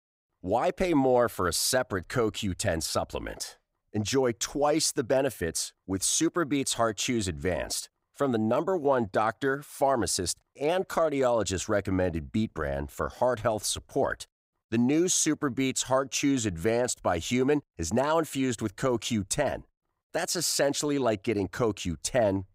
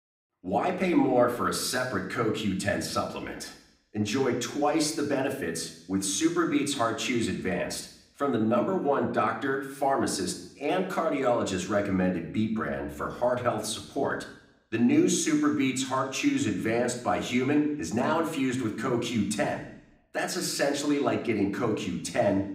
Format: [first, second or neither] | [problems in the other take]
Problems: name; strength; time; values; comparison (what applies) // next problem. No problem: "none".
first | room echo; slight; dies away in 0.8 s // off-mic speech; somewhat distant